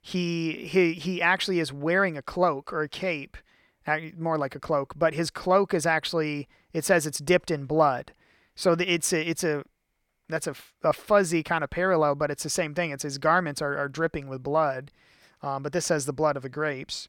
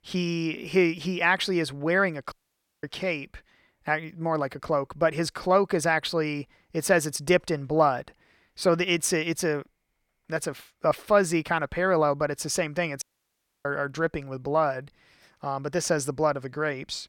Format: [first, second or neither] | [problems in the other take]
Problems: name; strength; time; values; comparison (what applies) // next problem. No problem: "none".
first | audio cutting out; at 2.5 s for 0.5 s and at 13 s for 0.5 s